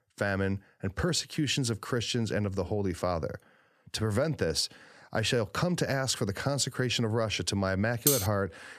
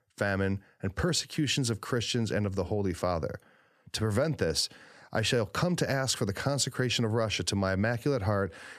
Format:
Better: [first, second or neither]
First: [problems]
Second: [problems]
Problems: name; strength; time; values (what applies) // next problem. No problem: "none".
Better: second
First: clattering dishes; loud; at 8 s; peak 3 dB above the speech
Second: none